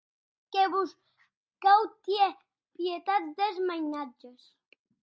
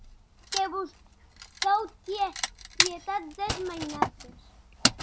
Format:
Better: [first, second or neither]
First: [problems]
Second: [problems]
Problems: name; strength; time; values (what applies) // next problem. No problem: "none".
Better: first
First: none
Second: background sound (Wood); 1 dB above the speech